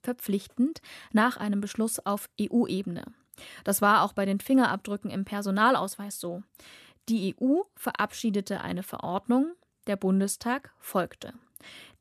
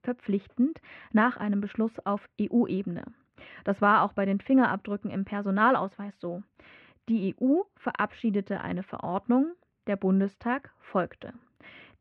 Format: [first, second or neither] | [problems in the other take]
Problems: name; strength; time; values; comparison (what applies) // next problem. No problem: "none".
first | muffled; very; fading above 2.5 kHz